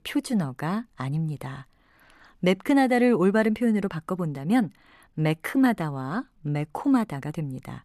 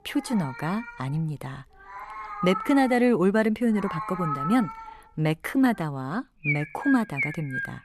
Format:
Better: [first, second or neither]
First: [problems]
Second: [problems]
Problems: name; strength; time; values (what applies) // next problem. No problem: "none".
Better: first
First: none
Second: animal sounds; loud; throughout; 7 dB below the speech